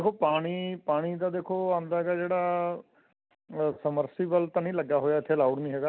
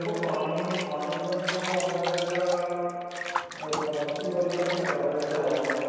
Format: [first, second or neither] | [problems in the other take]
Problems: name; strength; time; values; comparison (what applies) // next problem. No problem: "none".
first | background sound (Bathtub (filling or washing) / Water); 7 dB below the speech // room echo; dies away in 2.2 s